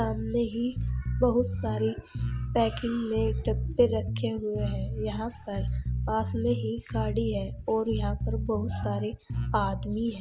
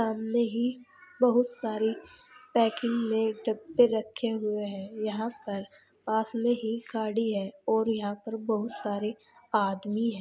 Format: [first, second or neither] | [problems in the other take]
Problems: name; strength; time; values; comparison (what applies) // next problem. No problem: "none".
second | background sound (Bass guitar); 2 dB below the speech